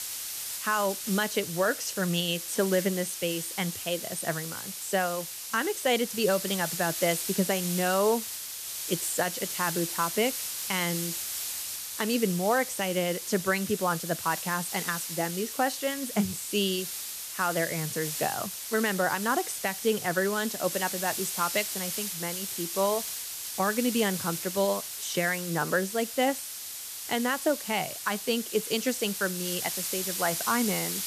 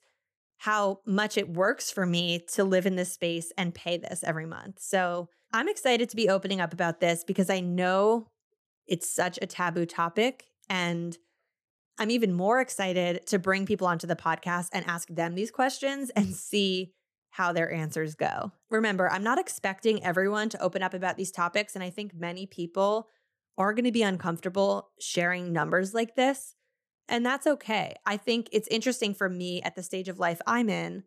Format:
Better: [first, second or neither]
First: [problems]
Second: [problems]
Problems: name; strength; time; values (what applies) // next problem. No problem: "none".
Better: second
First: hiss; loud; throughout; 4 dB below the speech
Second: none